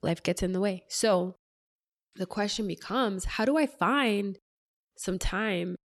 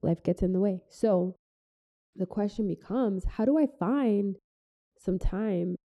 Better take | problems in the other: first | muffled; very; fading above 1 kHz

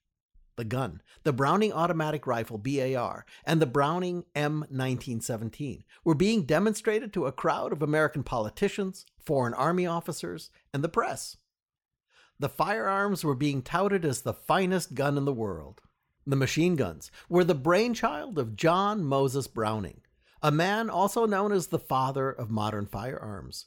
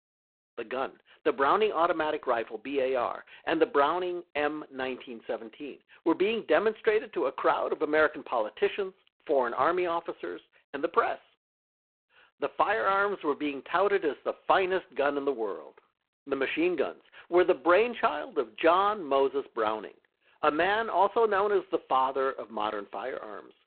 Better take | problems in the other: first | phone-call audio; poor line; nothing above 4 kHz

